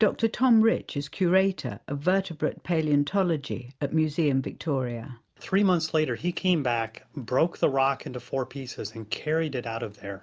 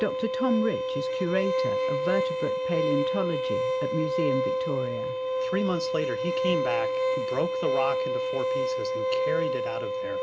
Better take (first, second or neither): first